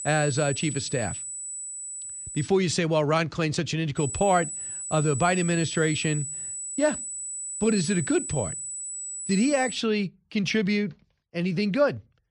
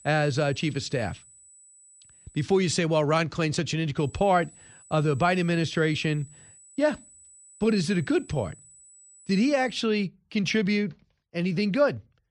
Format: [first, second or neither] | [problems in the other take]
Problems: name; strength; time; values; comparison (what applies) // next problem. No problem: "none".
second | high-pitched whine; loud; until 2.5 s and from 4 to 10 s; 8 kHz, 6 dB below the speech; faint in the second